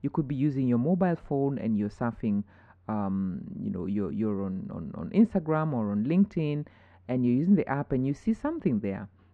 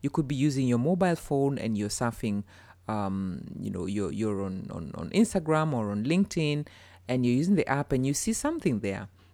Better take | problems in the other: second | muffled; very; fading above 2 kHz

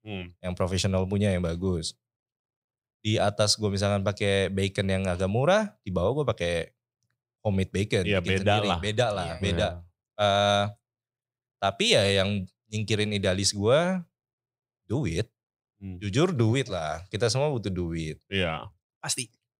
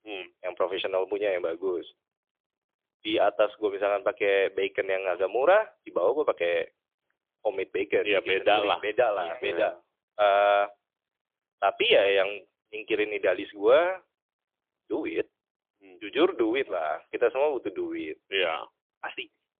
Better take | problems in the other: first | phone-call audio; poor line; nothing above 3.5 kHz

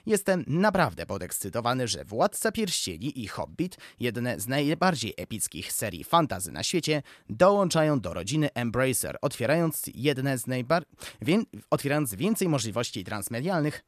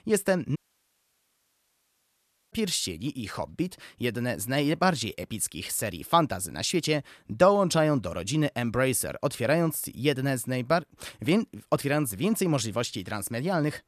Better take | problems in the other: first | audio cutting out; at 0.5 s for 2 s

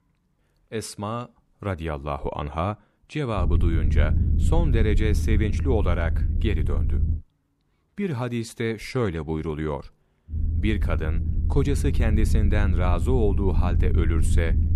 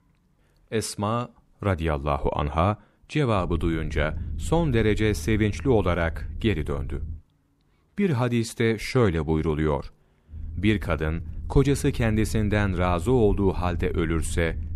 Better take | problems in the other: second | low rumble; loud; from 3.5 to 7 s and from 10 s on; 9 dB below the speech; faint in the second

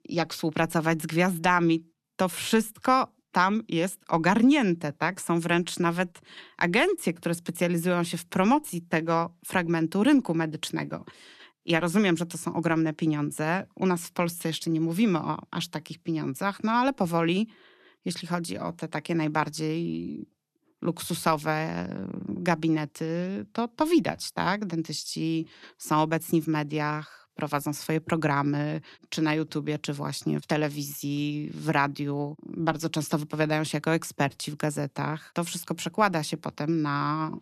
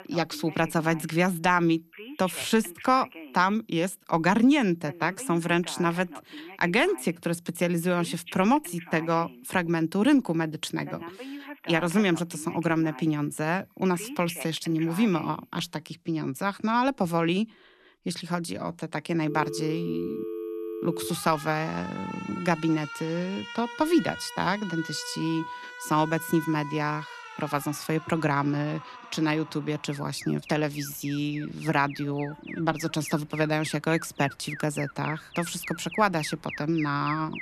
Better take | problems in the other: first | alarms or sirens; noticeable; throughout; 15 dB below the speech

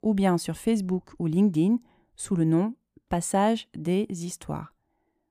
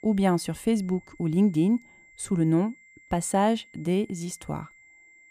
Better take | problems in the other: first | high-pitched whine; faint; throughout; 2 kHz, 25 dB below the speech

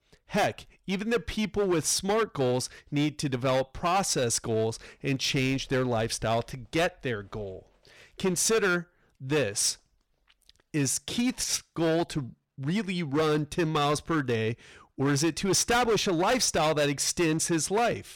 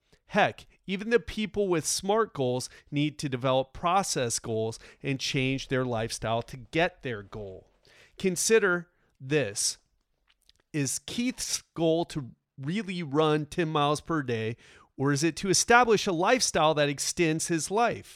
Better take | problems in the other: second | distortion; heavy; 10% of the sound clipped

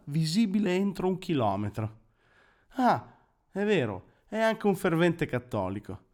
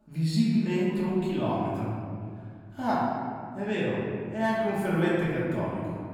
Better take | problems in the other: first | room echo; strong; dies away in 2 s // off-mic speech; far

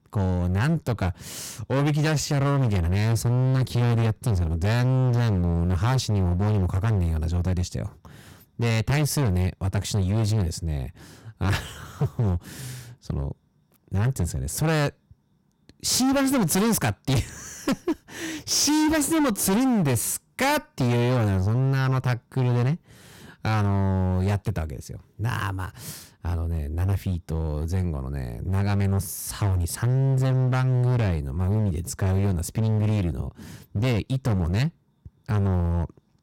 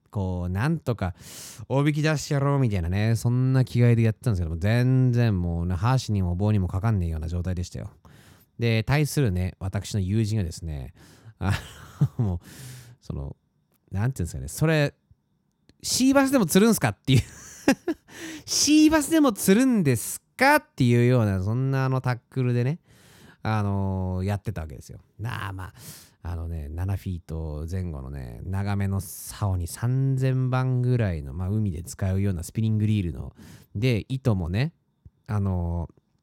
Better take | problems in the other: second | distortion; heavy; 21% of the sound clipped

